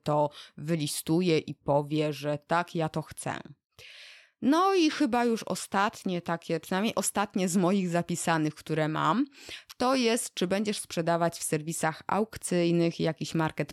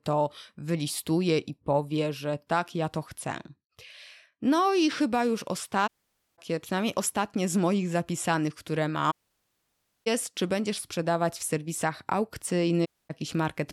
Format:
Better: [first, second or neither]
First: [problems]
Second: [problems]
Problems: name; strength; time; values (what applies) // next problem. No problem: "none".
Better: first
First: none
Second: audio cutting out; at 6 s, at 9 s for 1 s and at 13 s